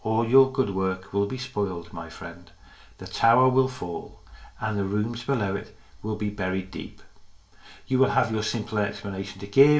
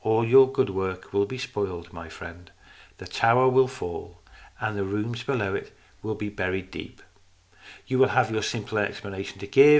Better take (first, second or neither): second